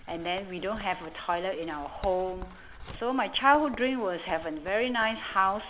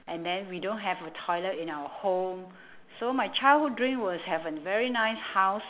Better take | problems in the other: second | background sound (Writing); 18 dB below the speech

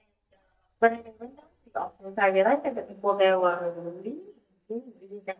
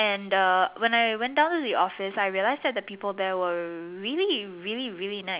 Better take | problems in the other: second | noise reduction (neural mask model DeepFilterNet 3)

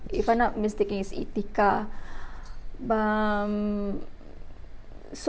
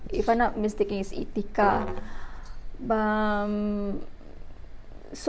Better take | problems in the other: first | background sound (Musical instrument); 13 dB below the speech

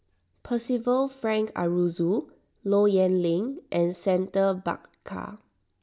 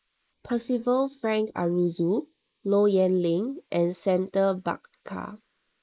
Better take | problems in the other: first | noise reduction (neural mask model Resemble Enhance denoiser)

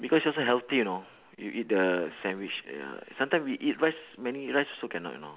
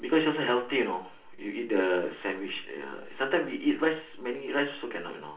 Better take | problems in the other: first | room echo; dies away in 0.3 s

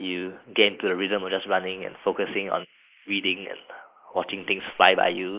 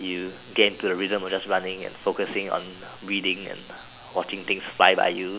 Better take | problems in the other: second | noise reduction (neural mask model Resemble Enhance denoiser)

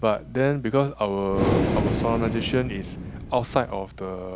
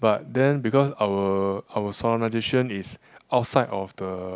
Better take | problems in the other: second | background sound (Breathing); 3 dB below the speech

